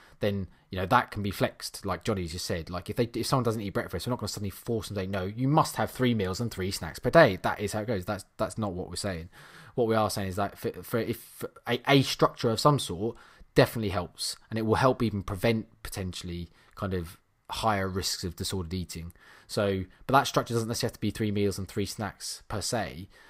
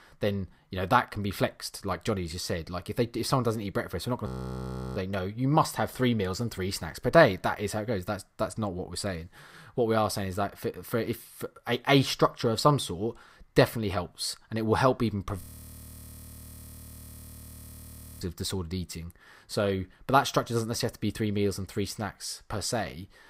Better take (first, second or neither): first